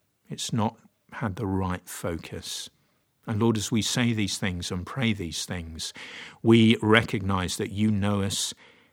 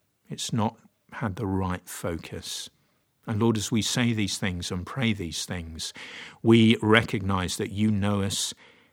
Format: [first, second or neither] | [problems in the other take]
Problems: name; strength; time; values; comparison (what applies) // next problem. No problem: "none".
neither | none